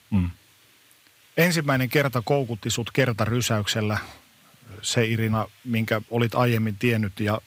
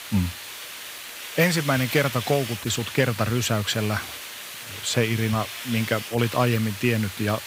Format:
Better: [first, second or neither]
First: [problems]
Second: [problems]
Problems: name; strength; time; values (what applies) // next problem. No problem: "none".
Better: first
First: hiss; faint; throughout; 30 dB below the speech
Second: hiss; loud; throughout; 9 dB below the speech